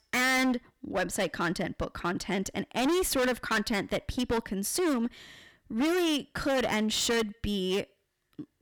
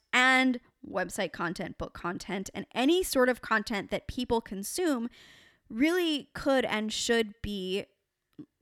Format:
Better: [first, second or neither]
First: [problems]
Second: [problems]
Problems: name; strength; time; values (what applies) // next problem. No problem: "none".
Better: second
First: distortion; heavy; 17% of the sound clipped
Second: none